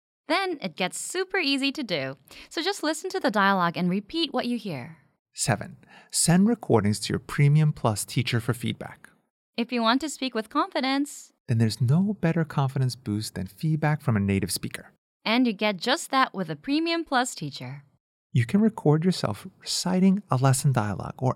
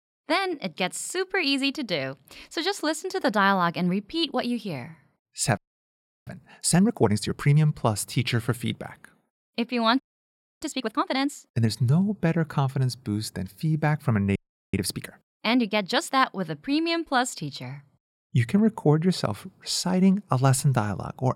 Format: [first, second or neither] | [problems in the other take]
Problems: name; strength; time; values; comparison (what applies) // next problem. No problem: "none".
first | audio freezing; at 5.5 s for 0.5 s, at 10 s for 0.5 s and at 14 s